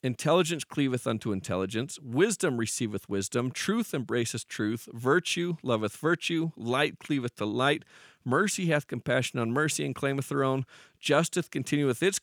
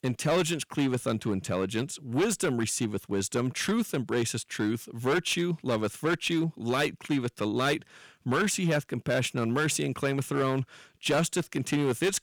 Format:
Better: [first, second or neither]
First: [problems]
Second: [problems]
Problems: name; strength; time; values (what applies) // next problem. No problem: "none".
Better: first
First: none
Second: distortion; slight; 8% of the sound clipped